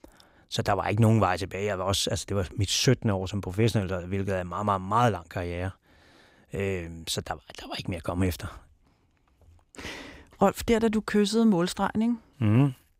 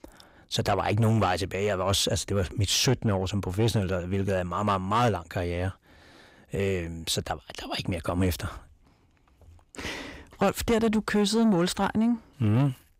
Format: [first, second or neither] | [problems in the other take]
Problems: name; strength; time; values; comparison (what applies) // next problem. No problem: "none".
first | distortion; slight; 10 dB below the speech